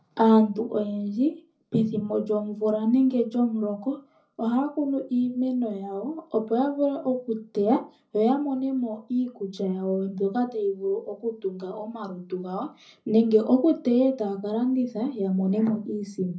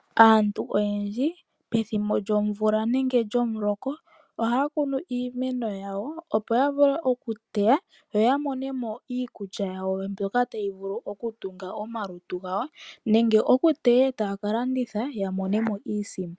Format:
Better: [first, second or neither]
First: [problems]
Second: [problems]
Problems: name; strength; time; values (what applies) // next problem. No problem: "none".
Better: second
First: room echo; dies away in 0.4 s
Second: none